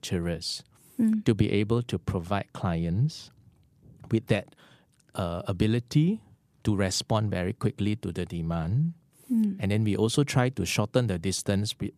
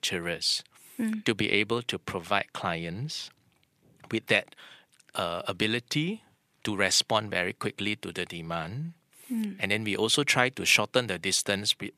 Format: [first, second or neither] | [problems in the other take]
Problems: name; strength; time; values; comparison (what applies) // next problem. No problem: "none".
first | thin; somewhat; fading below 750 Hz